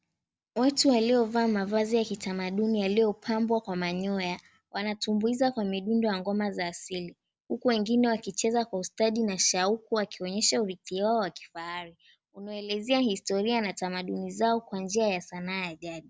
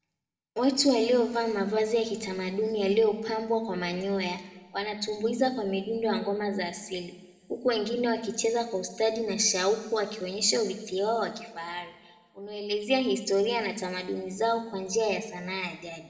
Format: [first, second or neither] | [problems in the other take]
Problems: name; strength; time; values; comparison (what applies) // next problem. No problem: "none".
first | room echo; dies away in 1.2 s